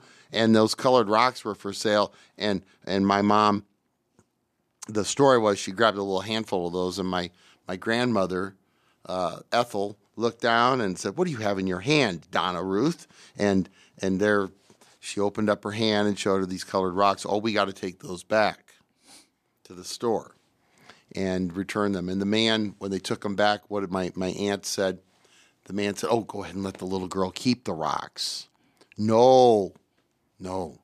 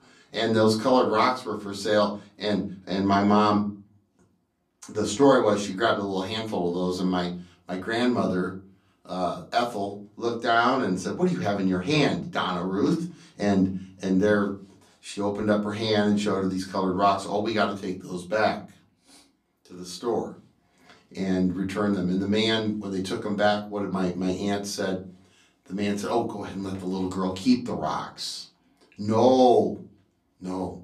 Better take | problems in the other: first | off-mic speech; far // room echo; very slight; dies away in 0.4 s

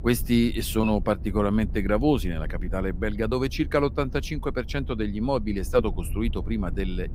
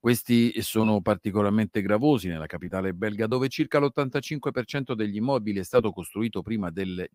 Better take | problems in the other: second | low rumble; faint; throughout; 20 dB below the speech

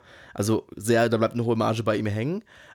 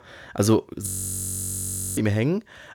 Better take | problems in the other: first | audio freezing; at 1 s for 1 s

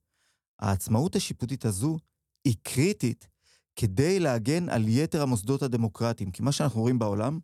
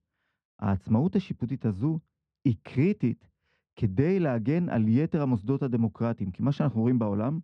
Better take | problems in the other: first | muffled; very; fading above 2.5 kHz

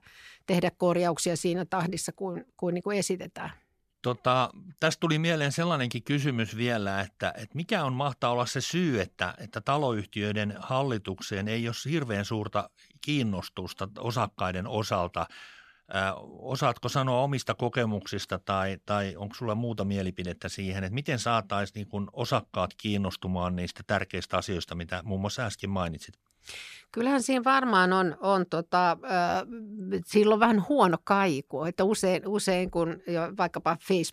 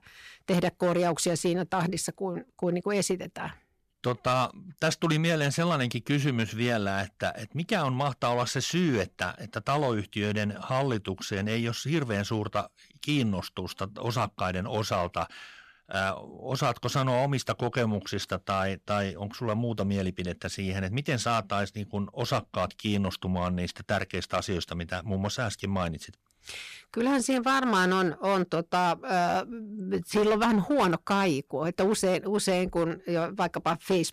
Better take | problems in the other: first | distortion; slight; 5% of the sound clipped

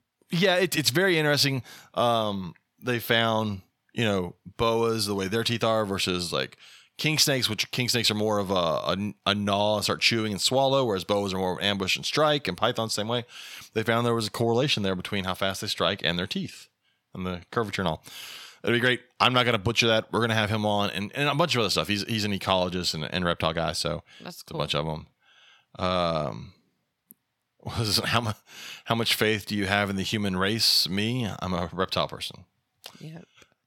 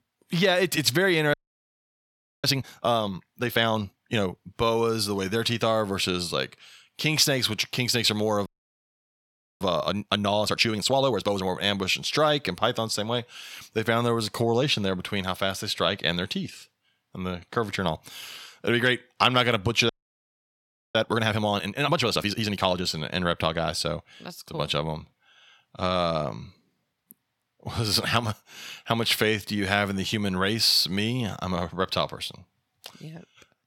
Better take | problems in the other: first | audio freezing; at 1.5 s for 1 s, at 8.5 s for 1 s and at 20 s for 1 s

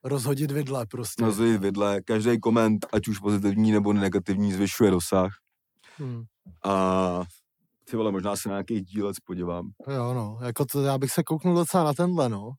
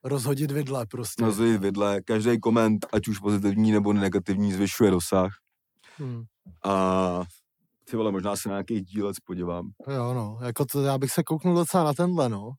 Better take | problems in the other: neither | none

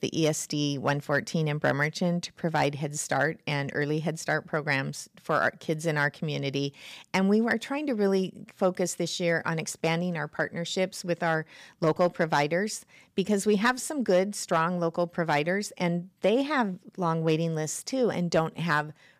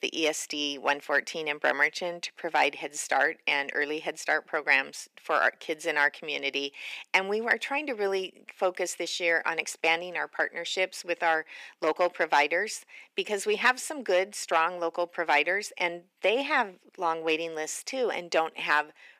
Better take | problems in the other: first | thin; very; fading below 300 Hz

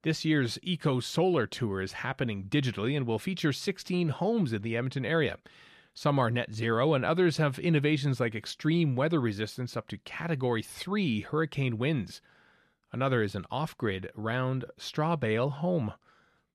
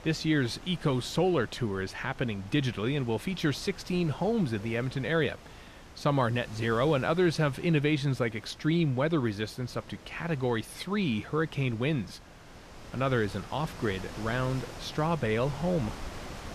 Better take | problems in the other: first | wind noise on the microphone; occasional gusts; 15 dB below the speech

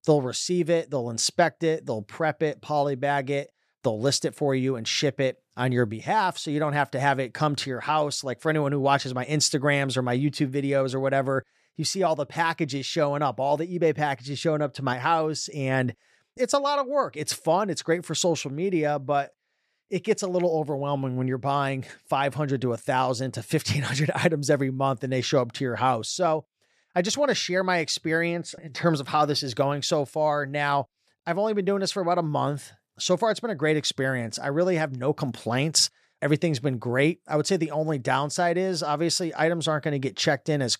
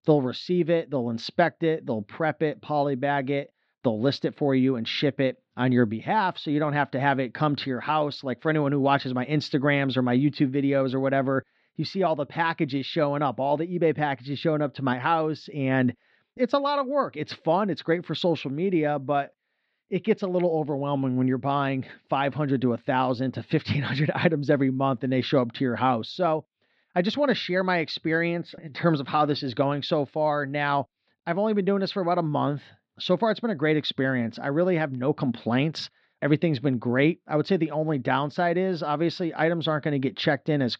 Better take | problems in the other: first | muffled; slightly; fading above 4 kHz

